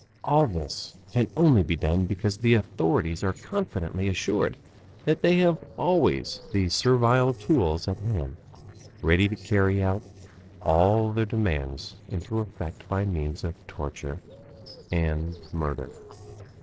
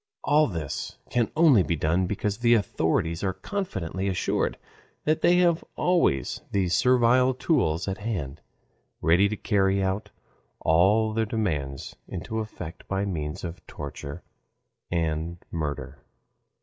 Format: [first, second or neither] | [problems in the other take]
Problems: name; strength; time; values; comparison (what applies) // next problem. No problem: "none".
second | noise reduction (neural separator model SepFormer DNS4)